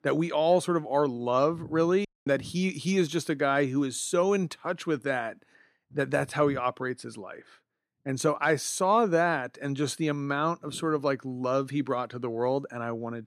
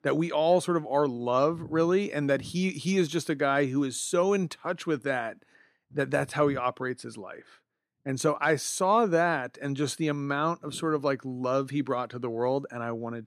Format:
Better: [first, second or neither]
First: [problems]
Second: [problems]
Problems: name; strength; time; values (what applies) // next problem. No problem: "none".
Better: second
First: audio cutting out; at 2 s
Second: none